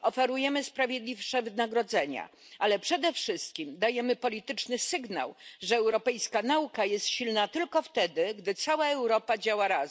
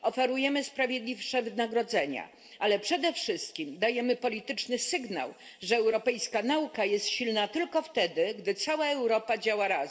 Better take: first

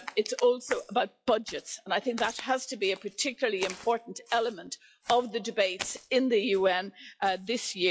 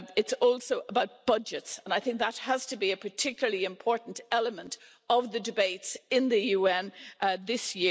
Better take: second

